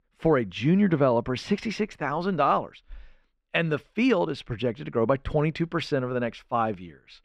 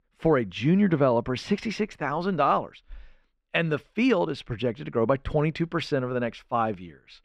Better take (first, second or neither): neither